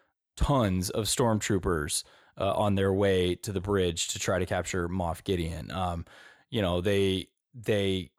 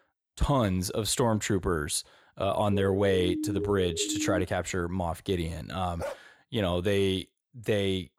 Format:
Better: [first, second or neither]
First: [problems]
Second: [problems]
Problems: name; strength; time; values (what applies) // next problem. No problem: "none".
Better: first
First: none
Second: siren; noticeable; from 2.5 to 4.5 s; peak 4 dB below the speech // dog barking; noticeable; at 6 s; peak 10 dB below the speech